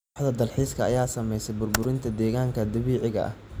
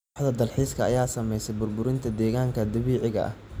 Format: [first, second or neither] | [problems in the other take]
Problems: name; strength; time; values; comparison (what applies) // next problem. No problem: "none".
second | background sound (Computer keyboard); 10 dB below the speech